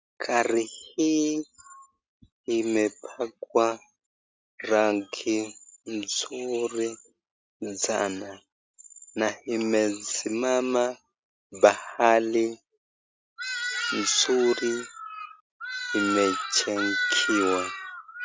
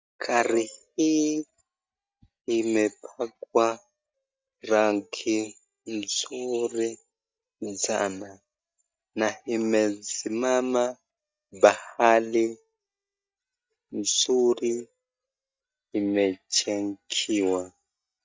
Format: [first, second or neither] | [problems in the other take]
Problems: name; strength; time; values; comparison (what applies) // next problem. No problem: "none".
first | noise reduction (neural mask model DeepFilterNet 3)